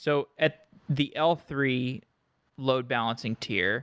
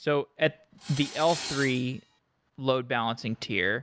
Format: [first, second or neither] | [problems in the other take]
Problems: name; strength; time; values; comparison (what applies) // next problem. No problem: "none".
first | background sound (Tools); 11 dB below the speech